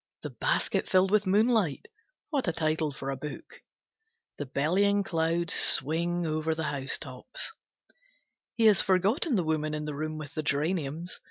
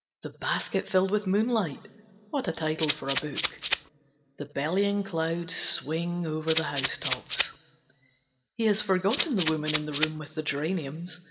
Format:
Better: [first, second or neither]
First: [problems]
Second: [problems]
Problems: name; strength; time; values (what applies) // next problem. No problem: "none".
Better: first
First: none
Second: background sound (Rattle (instrument)); 2 dB below the speech // room echo; dies away in 2.8 s